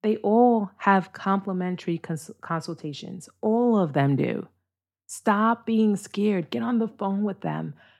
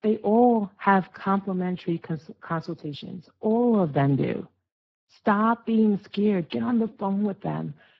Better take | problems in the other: first | garbled, watery; badly

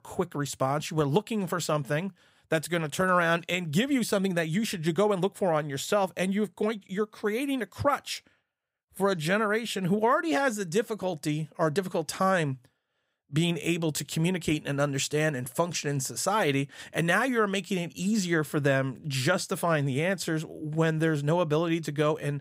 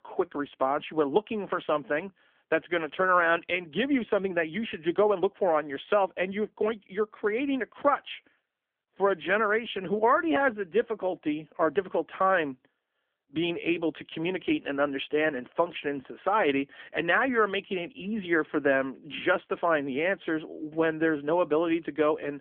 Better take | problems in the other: first | phone-call audio; nothing above 3.5 kHz

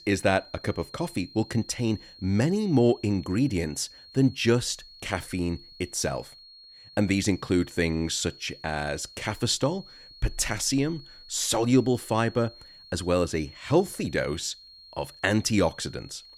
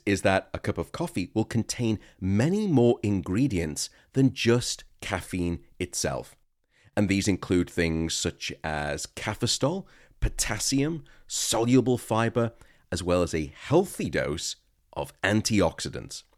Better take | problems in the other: second | high-pitched whine; faint; throughout; 4.5 kHz, 20 dB below the speech

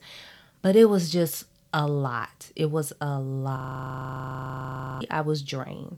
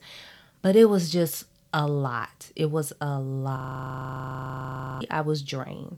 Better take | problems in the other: neither | audio freezing; at 3.5 s for 1.5 s; the same in both

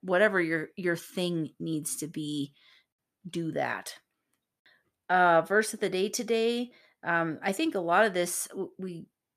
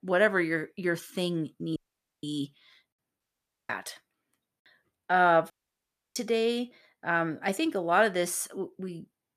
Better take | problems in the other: first | audio cutting out; at 2 s, at 3 s and at 5.5 s for 0.5 s

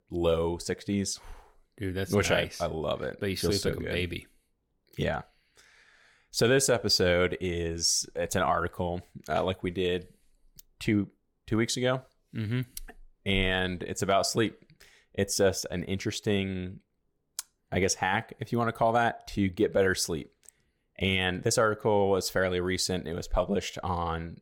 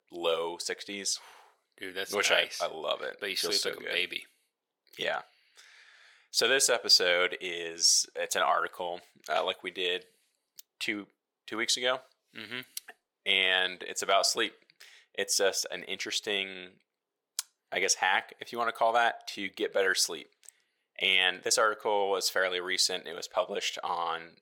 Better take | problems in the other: first | thin; very; fading below 550 Hz

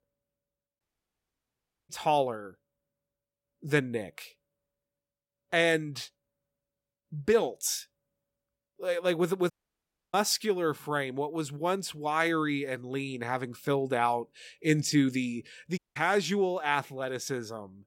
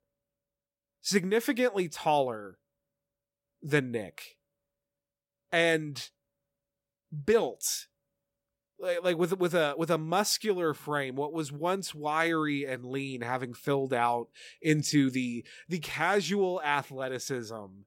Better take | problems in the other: second | audio cutting out; at 1 s for 1 s, at 9.5 s for 0.5 s and at 16 s

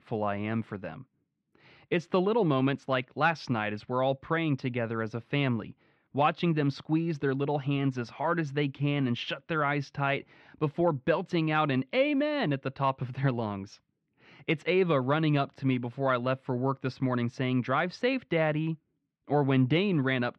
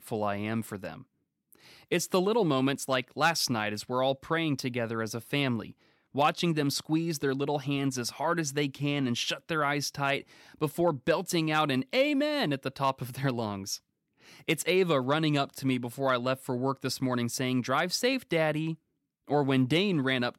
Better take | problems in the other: second | muffled; slightly; fading above 3 kHz

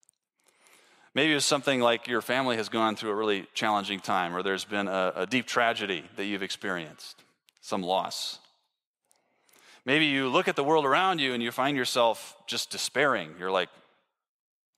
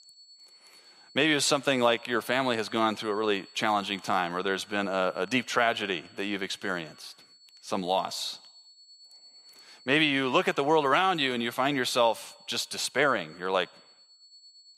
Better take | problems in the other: first | high-pitched whine; faint; throughout; 4.5 kHz, 25 dB below the speech

